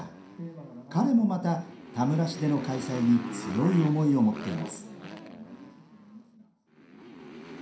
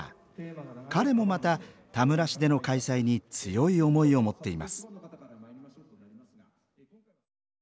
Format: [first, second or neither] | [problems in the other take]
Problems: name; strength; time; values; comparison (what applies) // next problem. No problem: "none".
second | background sound (Motorcycle); 14 dB below the speech // room echo; dies away in 0.5 s